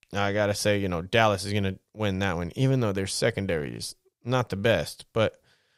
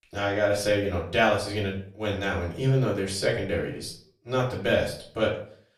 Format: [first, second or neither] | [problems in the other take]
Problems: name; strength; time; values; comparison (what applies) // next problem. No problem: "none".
first | off-mic speech; far // room echo; slight; dies away in 0.4 s